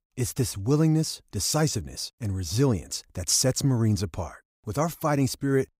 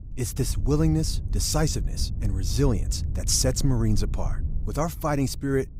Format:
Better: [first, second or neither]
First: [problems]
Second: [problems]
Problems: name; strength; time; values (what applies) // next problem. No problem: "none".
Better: first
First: none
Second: wind noise on the microphone; occasional gusts; 20 dB below the speech